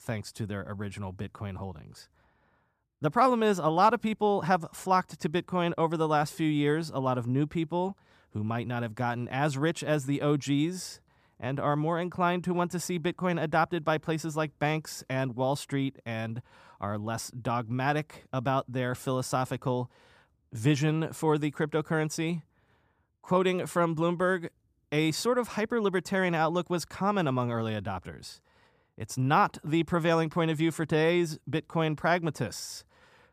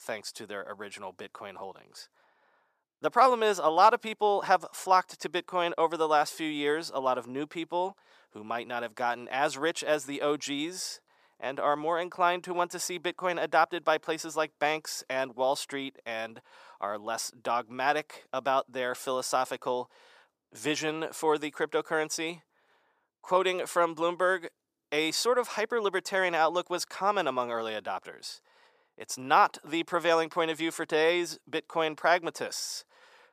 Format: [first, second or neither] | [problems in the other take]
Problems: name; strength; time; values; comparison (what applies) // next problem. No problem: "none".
first | thin; very; fading below 500 Hz